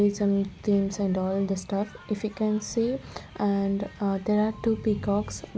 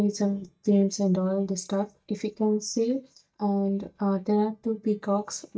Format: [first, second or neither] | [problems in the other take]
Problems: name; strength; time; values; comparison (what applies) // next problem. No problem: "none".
first | noise reduction (neural mask model DeepFilterNet 3)